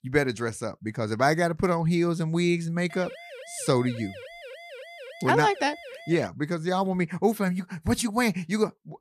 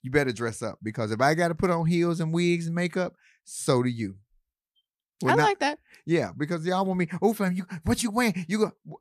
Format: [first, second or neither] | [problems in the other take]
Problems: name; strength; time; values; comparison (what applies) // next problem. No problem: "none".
second | siren; faint; from 3 to 6.5 s; peak 15 dB below the speech